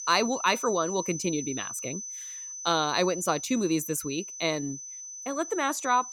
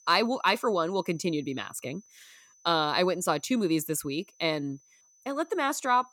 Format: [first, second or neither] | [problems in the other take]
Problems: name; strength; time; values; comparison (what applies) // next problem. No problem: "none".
second | high-pitched whine; loud; throughout; 6 kHz, 8 dB below the speech; faint in the second